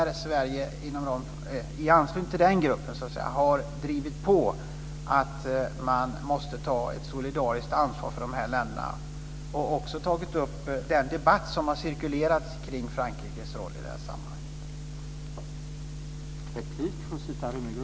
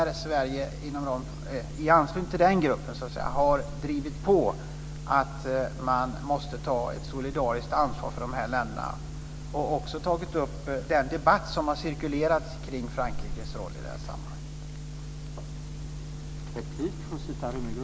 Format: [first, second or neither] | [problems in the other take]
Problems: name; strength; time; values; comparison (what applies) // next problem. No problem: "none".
first | background sound (Bird); 14 dB below the speech